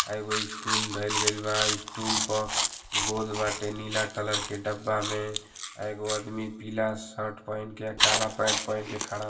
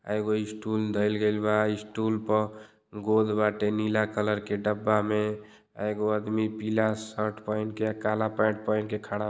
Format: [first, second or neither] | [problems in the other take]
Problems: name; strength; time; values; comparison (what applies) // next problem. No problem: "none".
second | background sound (Chewing, mastication); as loud as the speech // room echo; dies away in 0.2 s